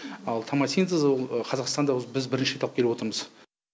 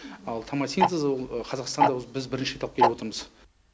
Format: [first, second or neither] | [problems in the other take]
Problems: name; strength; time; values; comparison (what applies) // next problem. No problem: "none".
first | background sound (Tick-tock); 1 dB above the speech